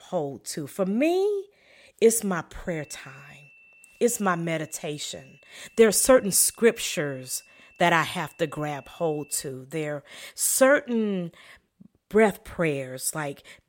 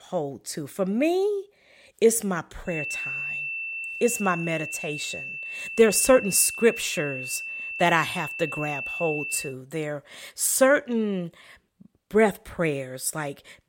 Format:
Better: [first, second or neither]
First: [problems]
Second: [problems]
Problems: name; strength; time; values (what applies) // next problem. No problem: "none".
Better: first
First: high-pitched whine; faint; from 2.5 to 9.5 s; 2.5 kHz, 30 dB below the speech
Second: high-pitched whine; loud; from 2.5 to 9.5 s; 2.5 kHz, 7 dB below the speech